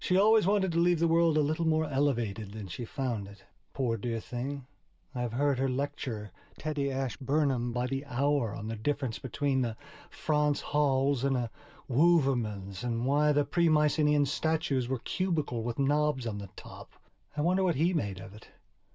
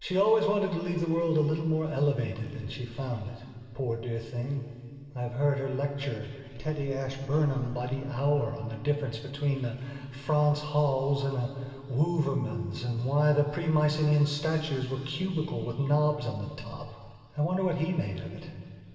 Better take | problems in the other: first | room echo; dies away in 2.5 s

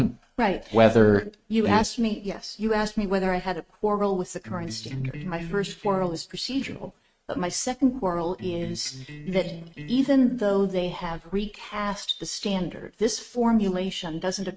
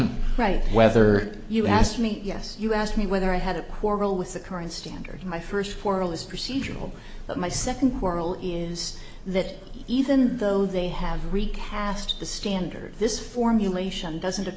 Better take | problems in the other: second | noise reduction (neural mask model RNNoise)

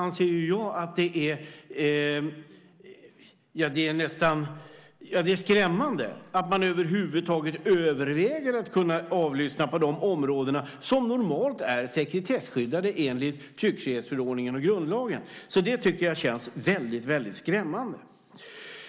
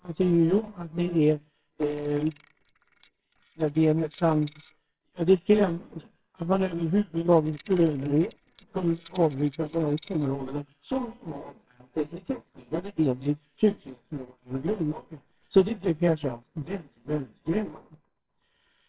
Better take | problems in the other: first | noise reduction (neural separator model SepFormer WHAMR!)

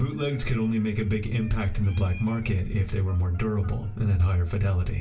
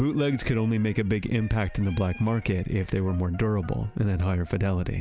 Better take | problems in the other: second | room echo; dies away in 0.2 s

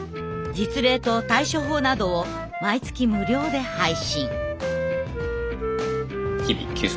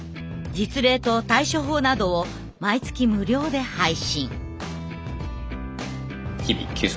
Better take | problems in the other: second | background sound (Wind instrument, woodwind instrument); 5 dB below the speech

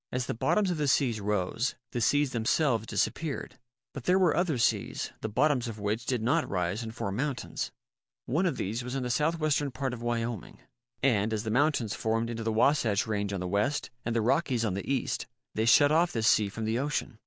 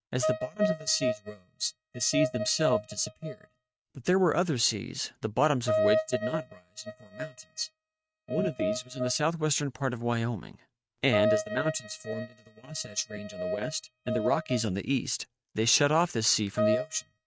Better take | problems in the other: first | noise reduction (neural mask model RNNoise)

